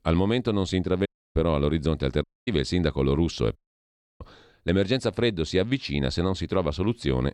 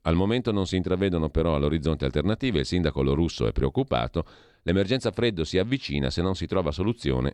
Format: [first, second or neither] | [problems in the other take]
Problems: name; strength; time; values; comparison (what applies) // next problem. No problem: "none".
second | audio cutting out; at 1 s, at 2 s and at 3.5 s for 0.5 s